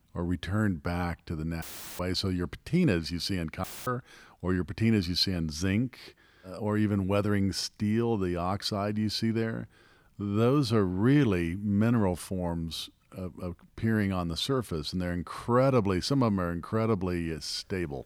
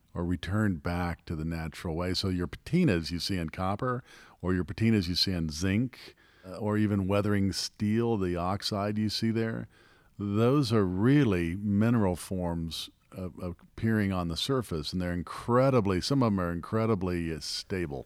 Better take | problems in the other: second | audio cutting out; filled with static; at 1.5 s and at 3.5 s

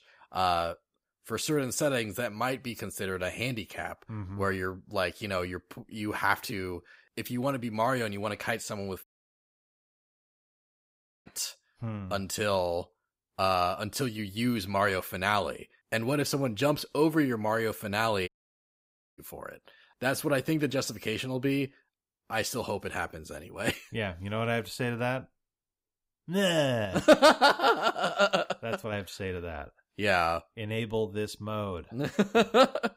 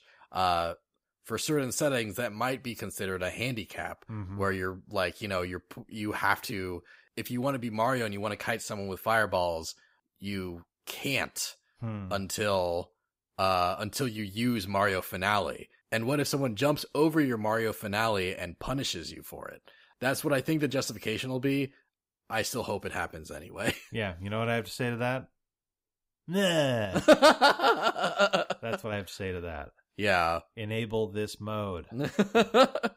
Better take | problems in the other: second | audio cutting out; at 9 s for 2 s and at 18 s for 1 s

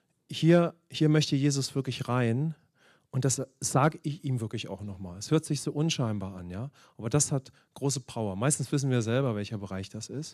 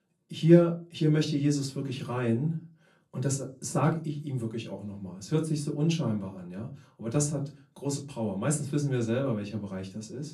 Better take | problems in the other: first | off-mic speech; far // room echo; very slight; dies away in 0.3 s

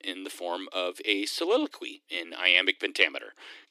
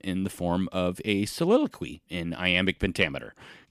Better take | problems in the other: second | thin; somewhat; fading below 300 Hz

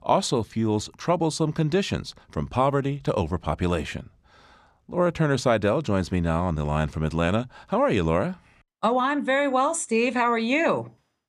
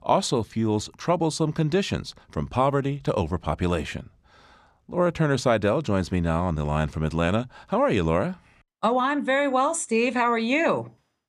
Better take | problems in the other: neither | none

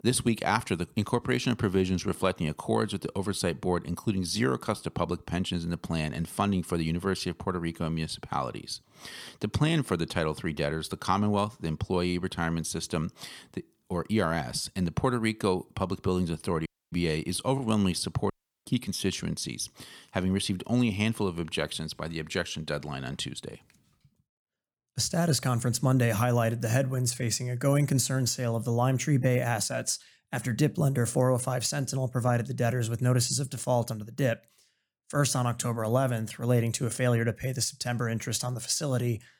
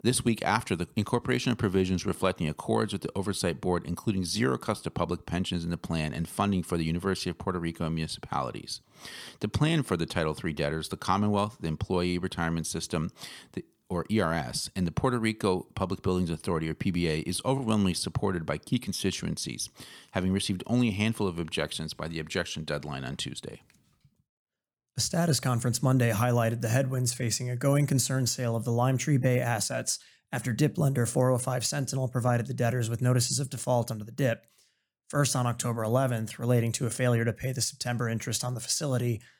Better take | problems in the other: second | audio cutting out; at 17 s and at 18 s

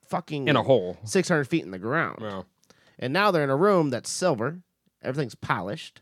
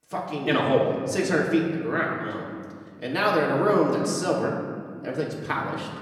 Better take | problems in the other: first | room echo; noticeable; dies away in 1.7 s // off-mic speech; far

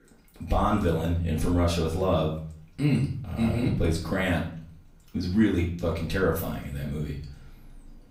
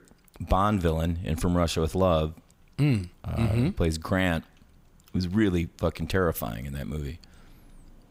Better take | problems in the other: second | off-mic speech; far // room echo; slight; dies away in 0.4 s

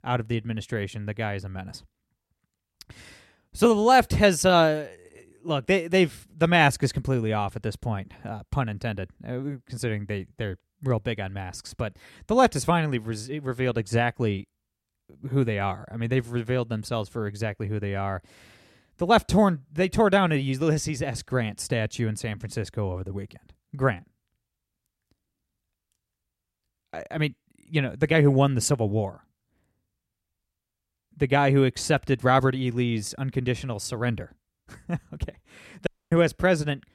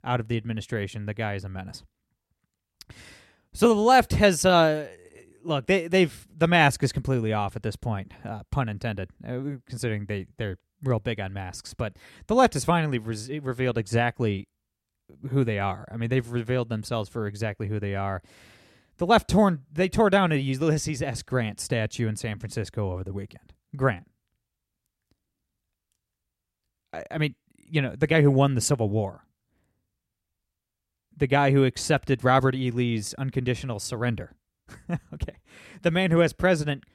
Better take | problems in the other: second | audio cutting out; at 36 s

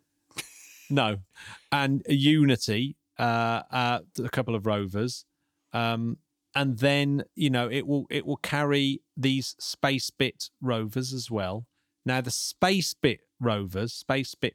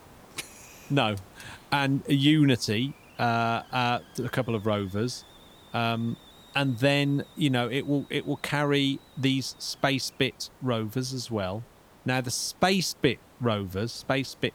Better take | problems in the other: first | hiss; faint; throughout; 25 dB below the speech

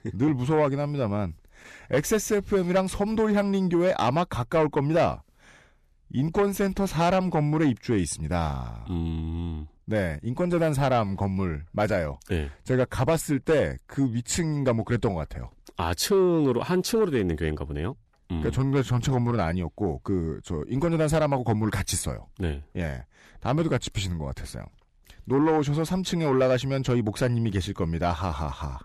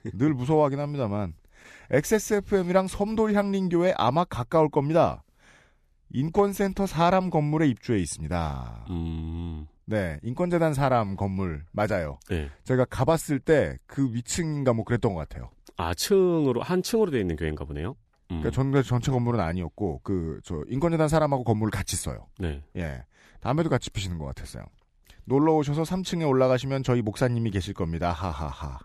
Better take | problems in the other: second | distortion; slight; 10 dB below the speech

